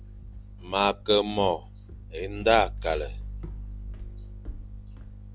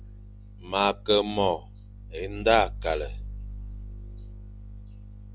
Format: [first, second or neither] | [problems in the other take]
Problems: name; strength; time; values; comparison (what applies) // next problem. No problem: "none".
second | background sound (Walk, footsteps); 18 dB below the speech